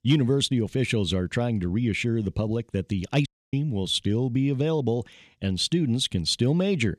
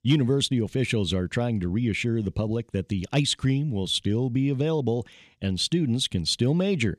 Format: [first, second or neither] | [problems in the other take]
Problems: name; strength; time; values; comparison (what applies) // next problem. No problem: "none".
second | audio cutting out; at 3.5 s